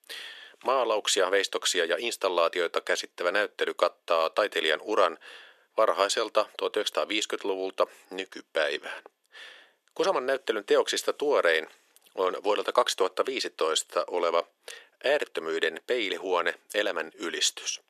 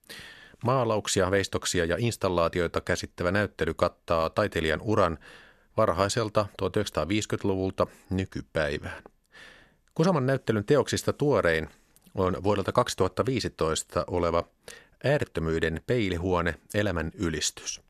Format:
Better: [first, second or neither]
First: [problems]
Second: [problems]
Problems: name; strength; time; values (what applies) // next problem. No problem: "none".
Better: second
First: thin; very; fading below 350 Hz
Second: none